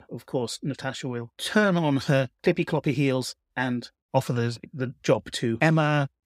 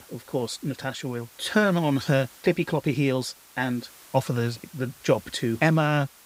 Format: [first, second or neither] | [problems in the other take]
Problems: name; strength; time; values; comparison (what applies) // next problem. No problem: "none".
first | hiss; faint; throughout; 20 dB below the speech